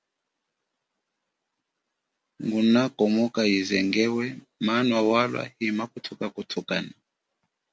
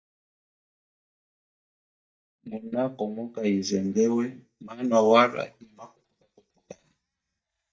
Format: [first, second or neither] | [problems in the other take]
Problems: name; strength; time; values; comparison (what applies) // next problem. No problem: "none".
first | noise reduction (neural mask model DeepFilterNet 3)